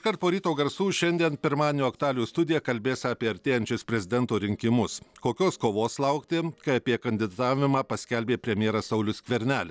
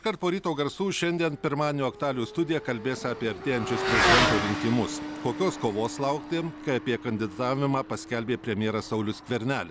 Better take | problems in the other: first | background sound (Motorcycle / Accelerating, revving, vroom); 4 dB below the speech

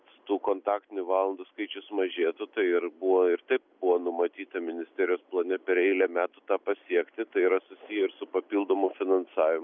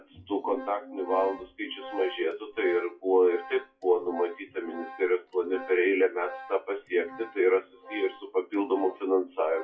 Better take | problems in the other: first | noise reduction (classical method WPE with log-MMSE)

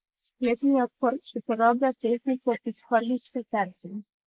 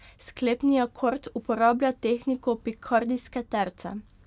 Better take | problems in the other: second | noise reduction (neural mask model Resemble Enhance denoiser)

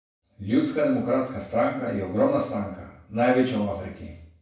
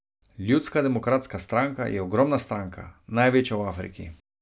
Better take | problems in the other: second | room echo; dies away in 0.6 s

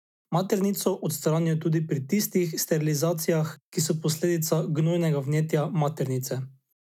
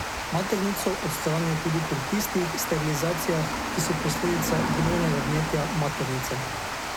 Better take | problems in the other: first | background sound (Water); 2 dB below the speech

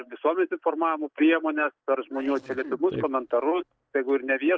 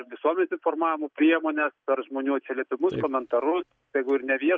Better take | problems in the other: second | noise reduction (neural separator model SepFormer DNS4)

